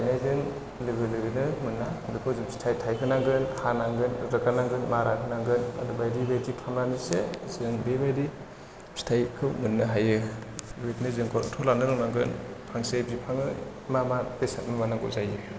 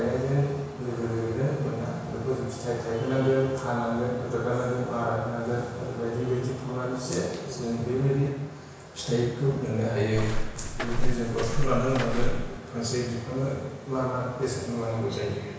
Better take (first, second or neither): first